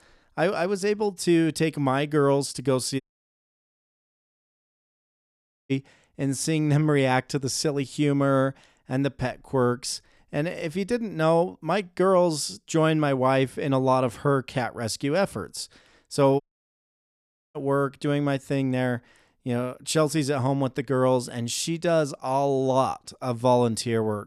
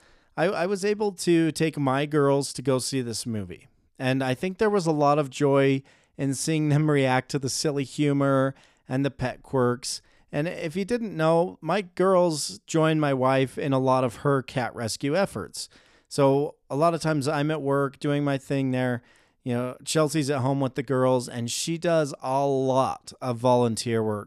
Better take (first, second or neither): second